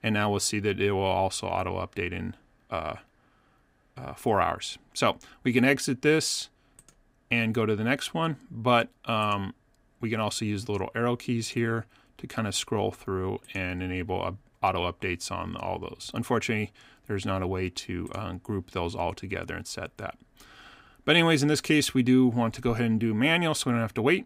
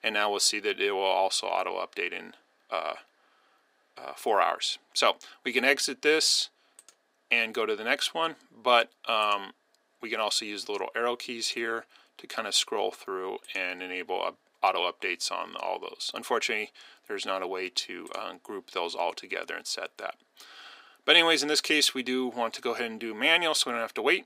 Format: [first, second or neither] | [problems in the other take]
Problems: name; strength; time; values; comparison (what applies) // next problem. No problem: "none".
first | thin; somewhat; fading below 400 Hz